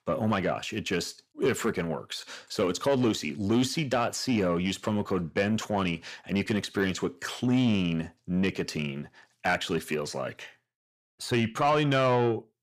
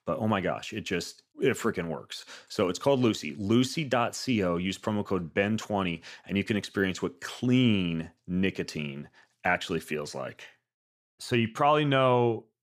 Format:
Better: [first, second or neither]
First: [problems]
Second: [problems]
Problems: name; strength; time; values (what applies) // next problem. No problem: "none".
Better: second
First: distortion; slight; 10 dB below the speech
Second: none